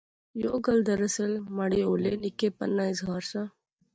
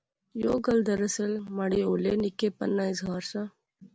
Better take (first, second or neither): second